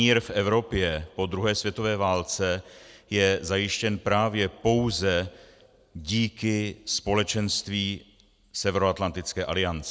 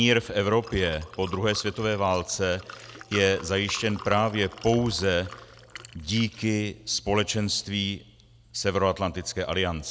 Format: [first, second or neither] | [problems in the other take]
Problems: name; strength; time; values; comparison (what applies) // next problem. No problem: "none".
first | background sound (Liquid); 19 dB below the speech